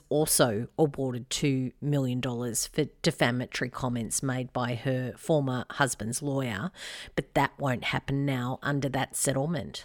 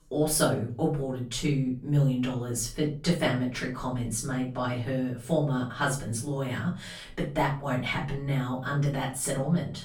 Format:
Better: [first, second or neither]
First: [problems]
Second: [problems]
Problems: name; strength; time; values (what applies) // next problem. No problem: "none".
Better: first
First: none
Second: off-mic speech; far // room echo; slight; dies away in 0.4 s